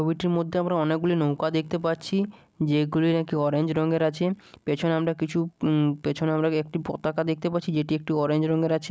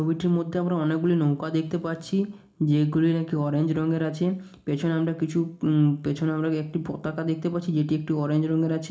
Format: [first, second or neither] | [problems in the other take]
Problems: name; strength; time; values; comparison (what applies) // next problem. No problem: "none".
first | room echo; dies away in 0.4 s